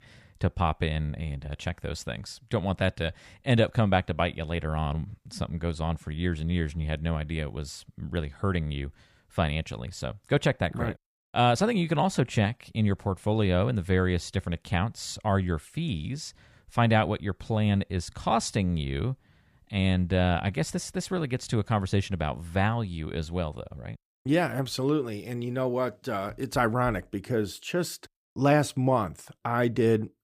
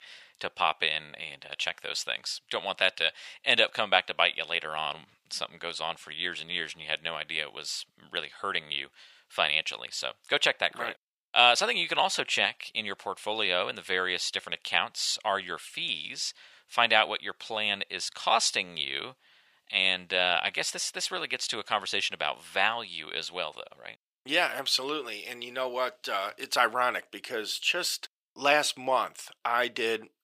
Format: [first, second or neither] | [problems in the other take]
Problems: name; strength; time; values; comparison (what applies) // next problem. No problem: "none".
first | thin; very; fading below 700 Hz